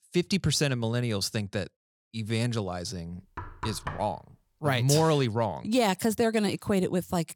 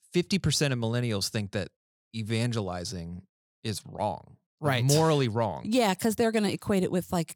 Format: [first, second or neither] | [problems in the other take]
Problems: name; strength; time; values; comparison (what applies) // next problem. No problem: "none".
second | door banging; noticeable; at 3.5 s; peak 9 dB below the speech